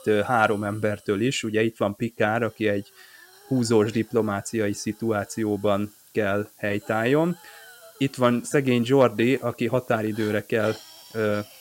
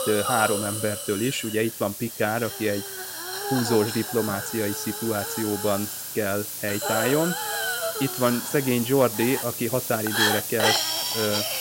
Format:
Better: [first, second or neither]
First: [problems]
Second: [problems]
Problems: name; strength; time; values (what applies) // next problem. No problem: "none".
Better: first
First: hiss; faint; throughout; 25 dB below the speech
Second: hiss; loud; throughout; 1 dB below the speech